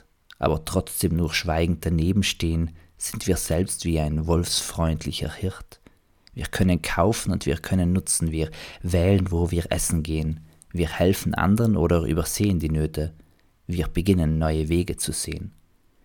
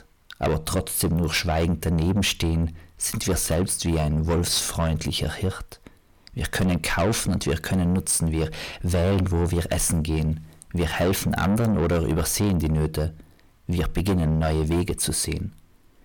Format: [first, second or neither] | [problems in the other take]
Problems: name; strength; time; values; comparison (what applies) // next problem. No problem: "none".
first | distortion; heavy; 8 dB below the speech